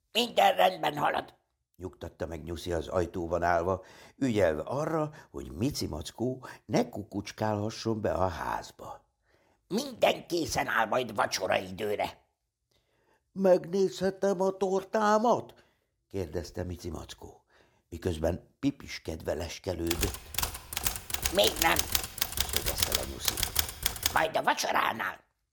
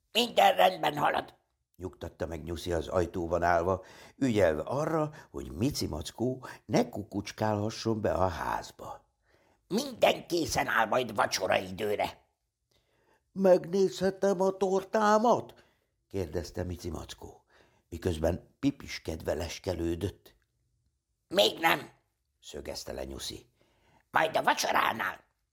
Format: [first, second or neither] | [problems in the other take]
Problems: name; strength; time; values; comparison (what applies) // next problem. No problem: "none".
second | keyboard typing; loud; from 20 to 24 s; peak 3 dB above the speech